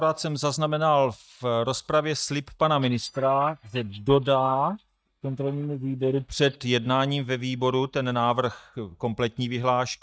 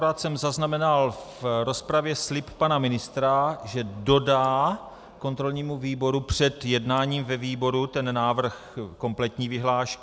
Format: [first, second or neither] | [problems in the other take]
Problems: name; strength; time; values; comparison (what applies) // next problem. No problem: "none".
second | noise reduction (neural mask model DeepFilterNet 3)